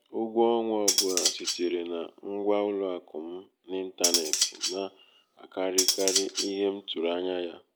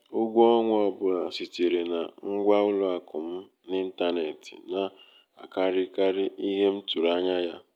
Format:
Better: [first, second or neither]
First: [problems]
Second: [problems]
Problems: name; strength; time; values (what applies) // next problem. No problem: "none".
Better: second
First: background sound (Cutlery, silverware); 1 dB above the speech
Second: none